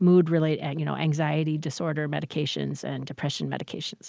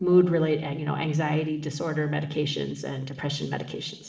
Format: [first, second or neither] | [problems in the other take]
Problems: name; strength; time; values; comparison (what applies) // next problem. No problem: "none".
first | noise reduction (neural separator model SepFormer DNS4)